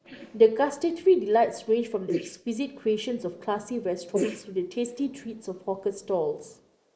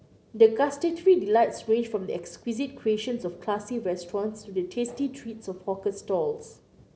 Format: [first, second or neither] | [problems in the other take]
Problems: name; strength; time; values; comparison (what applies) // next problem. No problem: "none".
second | noise reduction (neural mask model Resemble Enhance denoiser)